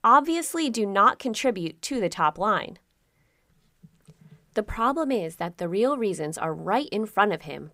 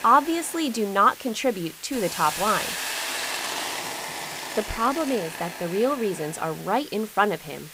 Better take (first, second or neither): first